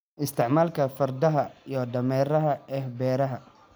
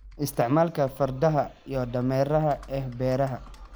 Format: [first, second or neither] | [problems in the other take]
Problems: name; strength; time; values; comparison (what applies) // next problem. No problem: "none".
first | background sound (Computer keyboard); 19 dB below the speech